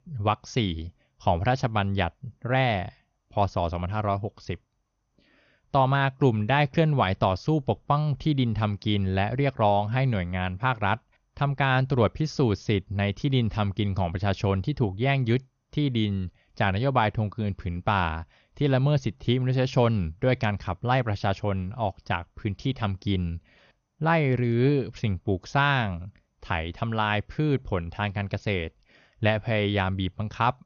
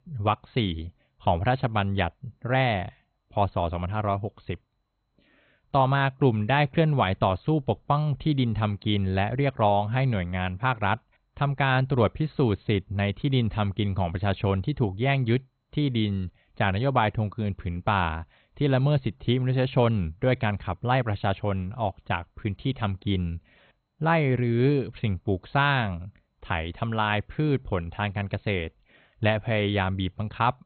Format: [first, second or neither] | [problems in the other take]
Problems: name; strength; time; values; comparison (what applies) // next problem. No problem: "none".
first | garbled, watery; badly; nothing above 4 kHz; slightly in the first